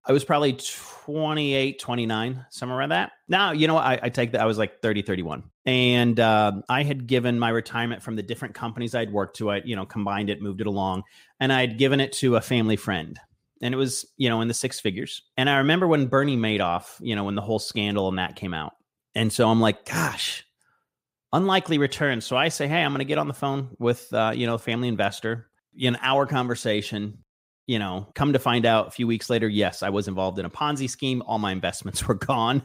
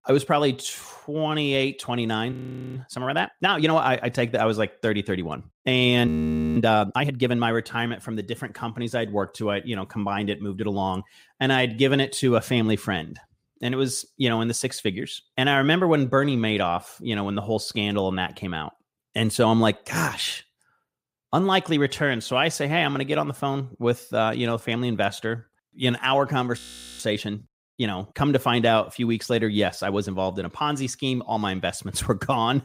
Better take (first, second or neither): first